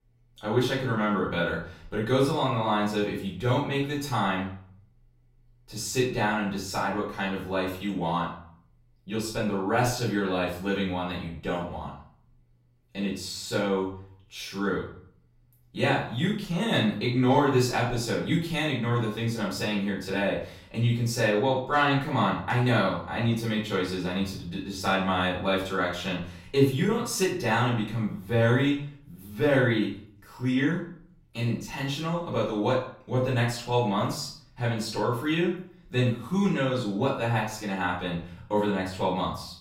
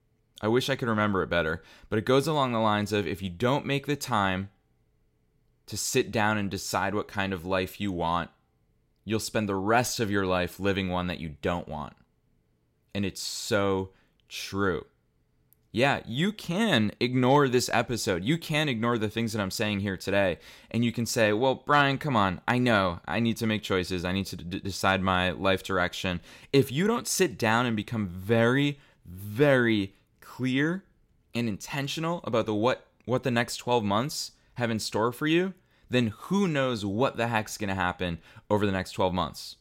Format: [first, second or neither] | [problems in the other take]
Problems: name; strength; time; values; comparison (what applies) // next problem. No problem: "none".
second | room echo; noticeable; dies away in 0.4 s // off-mic speech; far